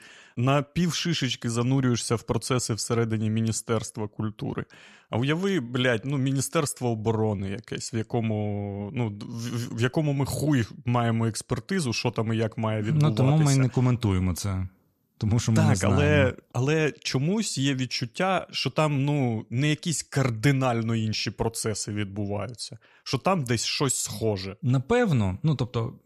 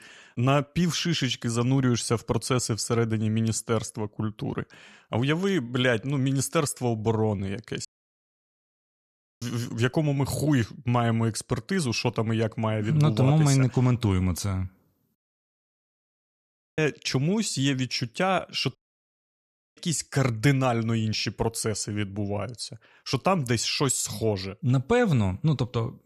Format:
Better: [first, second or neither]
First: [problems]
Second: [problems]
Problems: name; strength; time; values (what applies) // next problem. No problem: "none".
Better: first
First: none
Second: audio cutting out; at 8 s for 1.5 s, at 15 s for 1.5 s and at 19 s for 1 s